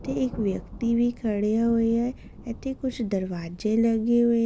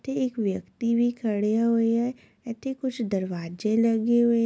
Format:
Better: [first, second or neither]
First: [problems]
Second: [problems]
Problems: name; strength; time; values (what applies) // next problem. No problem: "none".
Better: second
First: background sound (Thunder); 17 dB below the speech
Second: none